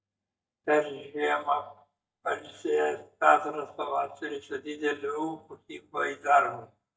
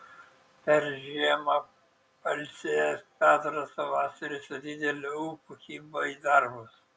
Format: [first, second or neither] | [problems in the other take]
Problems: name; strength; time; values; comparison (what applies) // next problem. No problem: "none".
second | noise reduction (neural mask model DeepFilterNet 3)